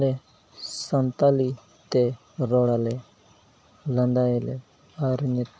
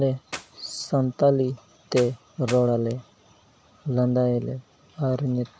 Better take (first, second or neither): first